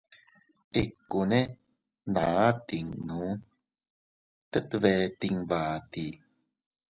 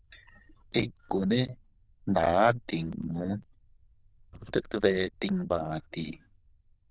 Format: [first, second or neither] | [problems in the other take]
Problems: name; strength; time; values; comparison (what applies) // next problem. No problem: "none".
first | noise reduction (neural diffusion model UNIVERSE++)